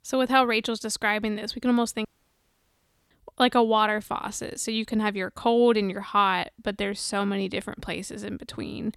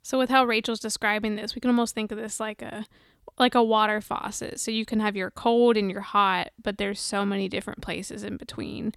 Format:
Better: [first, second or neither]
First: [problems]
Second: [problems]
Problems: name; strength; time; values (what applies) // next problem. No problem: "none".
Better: second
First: audio cutting out; at 2 s for 1 s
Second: none